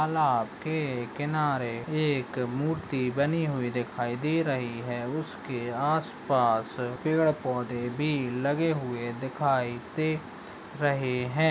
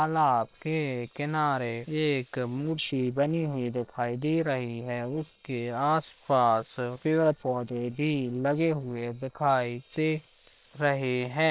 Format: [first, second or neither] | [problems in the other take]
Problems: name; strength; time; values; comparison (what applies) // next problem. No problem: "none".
first | noise reduction (neural separator model SepFormer WHAM!)